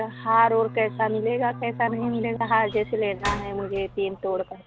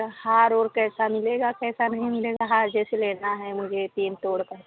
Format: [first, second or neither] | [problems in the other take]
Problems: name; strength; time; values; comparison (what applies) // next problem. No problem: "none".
second | background sound (Slam + Bowed string instrument); 13 dB below the speech